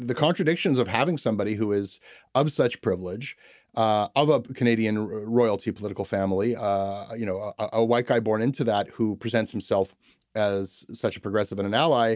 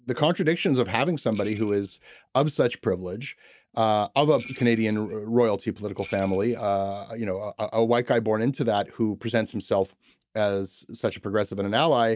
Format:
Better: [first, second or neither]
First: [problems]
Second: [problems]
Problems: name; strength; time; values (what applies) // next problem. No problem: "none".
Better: first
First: none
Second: noise reduction (neural mask model DeepFilterNet 3)